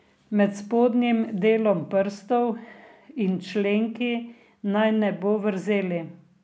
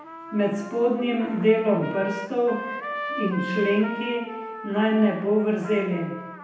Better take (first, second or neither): first